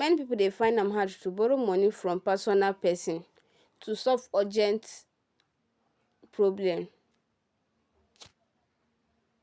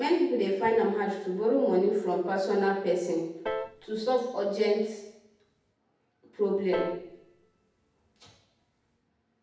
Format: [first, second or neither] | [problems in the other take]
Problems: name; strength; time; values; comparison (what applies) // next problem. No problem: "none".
first | background sound (Piano); 12 dB below the speech // room echo; dies away in 0.8 s